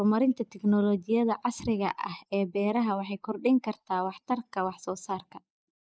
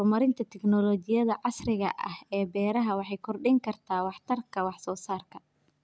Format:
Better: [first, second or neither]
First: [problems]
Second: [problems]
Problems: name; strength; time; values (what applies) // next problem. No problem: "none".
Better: second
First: noise reduction (neural mask model Resemble Enhance denoiser)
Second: none